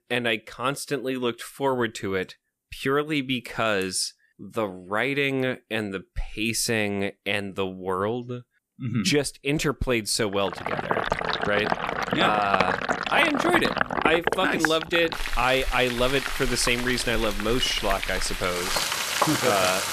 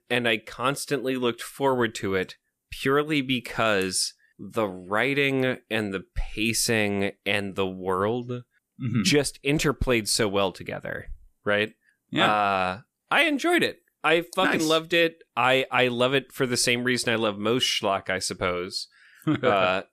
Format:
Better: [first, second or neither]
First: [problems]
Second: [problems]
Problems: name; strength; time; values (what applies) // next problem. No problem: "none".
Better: second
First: household noises; loud; from 11 s on; 2 dB below the speech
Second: none